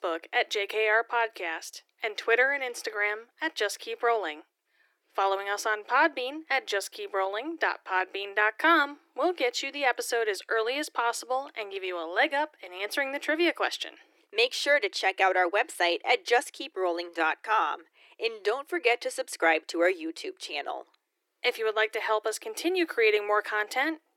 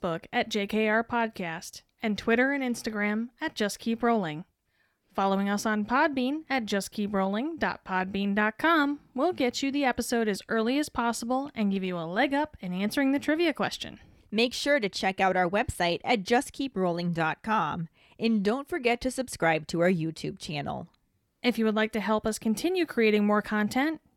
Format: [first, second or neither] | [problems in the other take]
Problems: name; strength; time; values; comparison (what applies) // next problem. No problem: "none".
second | thin; very; fading below 350 Hz